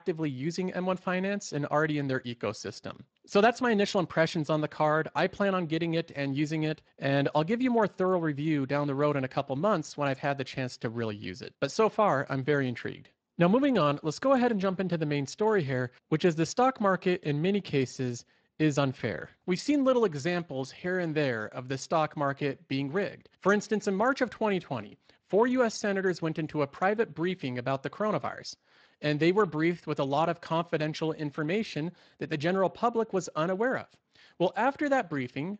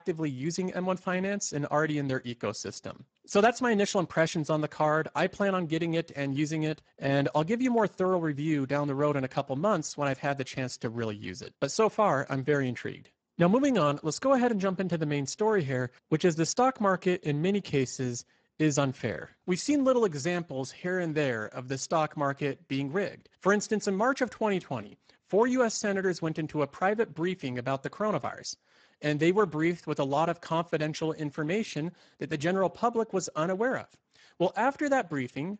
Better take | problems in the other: first | garbled, watery; badly; nothing above 7.5 kHz; slightly in the first

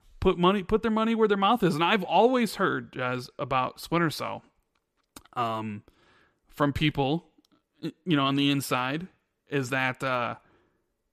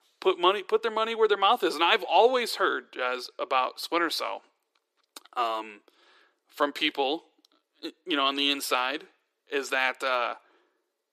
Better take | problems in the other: first | thin; somewhat; fading below 350 Hz

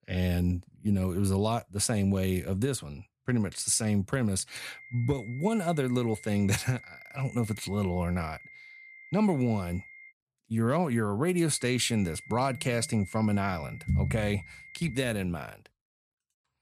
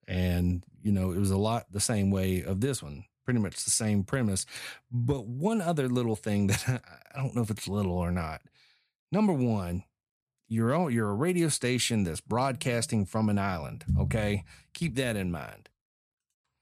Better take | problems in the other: second | high-pitched whine; noticeable; from 4.5 to 10 s and from 12 to 15 s; 2 kHz, 20 dB below the speech

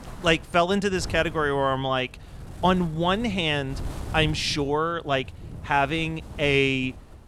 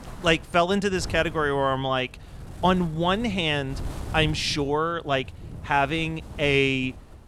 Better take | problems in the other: neither | wind noise on the microphone; occasional gusts; 20 dB below the speech; the same in both

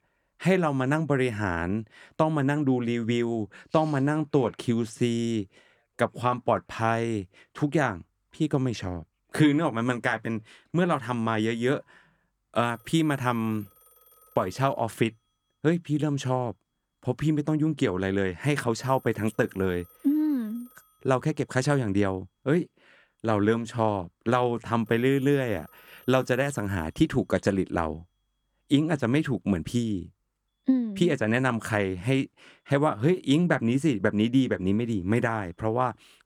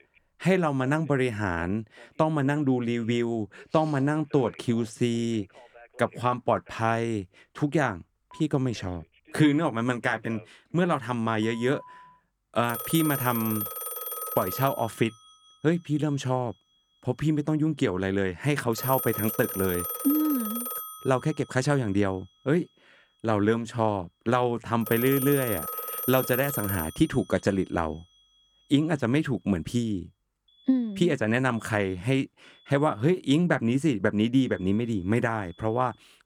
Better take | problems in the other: first | alarms or sirens; loud; throughout; 6 dB below the speech; faint in the first

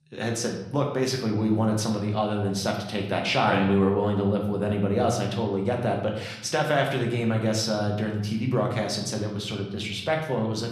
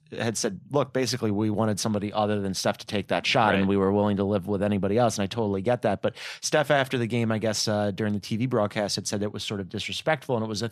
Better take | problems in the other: second | room echo; slight; dies away in 0.8 s // off-mic speech; somewhat distant

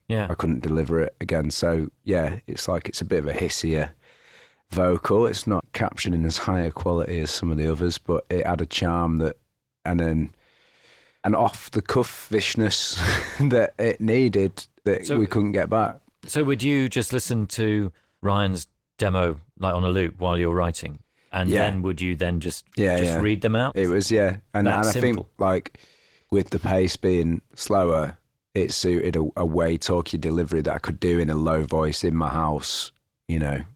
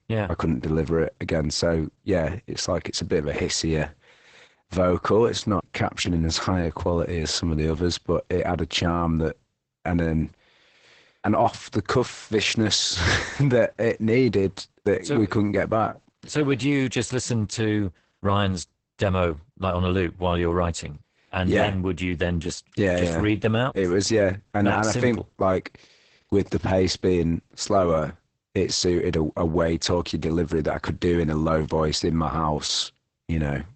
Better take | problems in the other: first | garbled, watery; badly; nothing above 8 kHz; slightly in the first

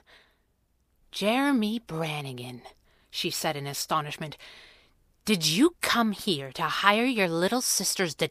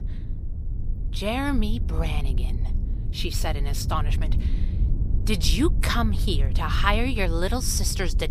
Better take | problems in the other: first | low rumble; noticeable; throughout; 15 dB below the speech

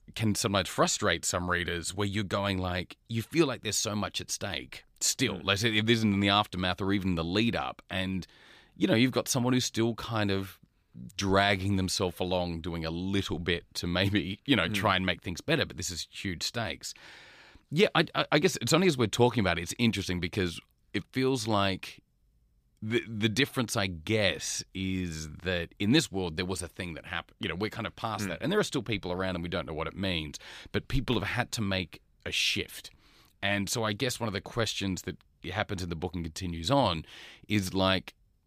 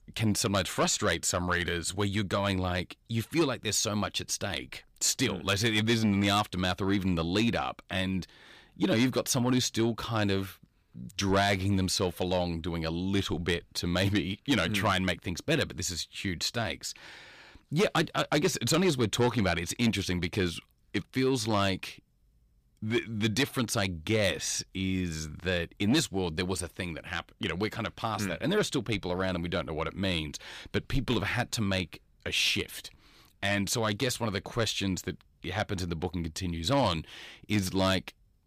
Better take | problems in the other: first | distortion; slight; 10 dB below the speech

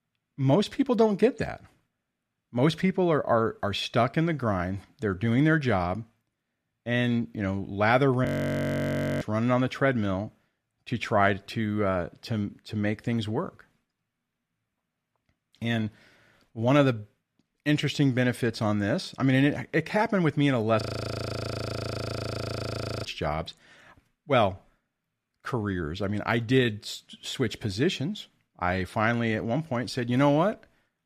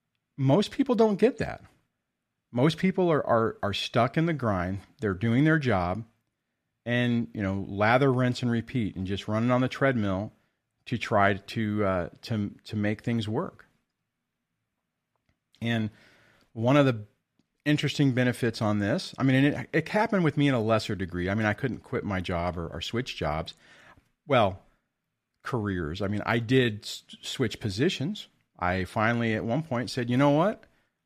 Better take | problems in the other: second | audio freezing; at 8.5 s for 1 s and at 21 s for 2 s

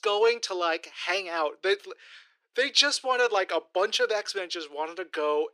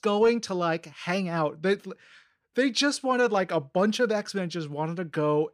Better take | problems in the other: second | thin; very; fading below 350 Hz

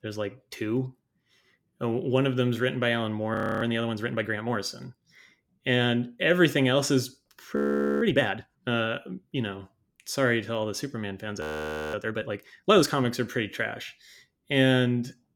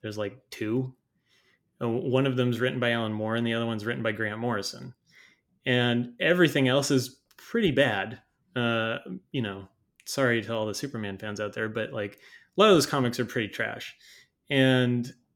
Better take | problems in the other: second | audio freezing; at 3.5 s, at 7.5 s and at 11 s for 0.5 s

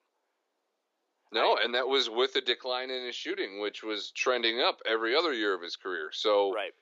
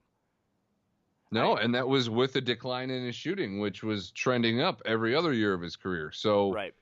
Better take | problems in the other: second | thin; very; fading below 350 Hz

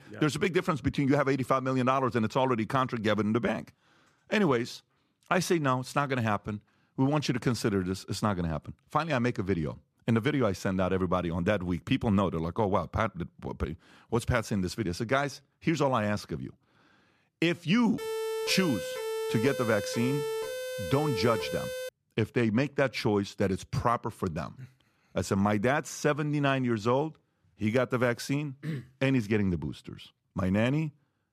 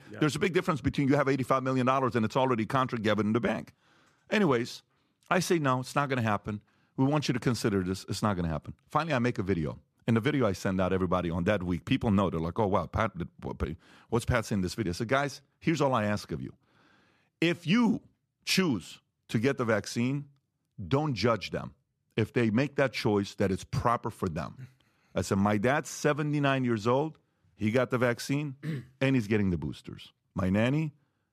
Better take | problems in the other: second | siren; noticeable; from 18 to 22 s; peak 3 dB below the speech

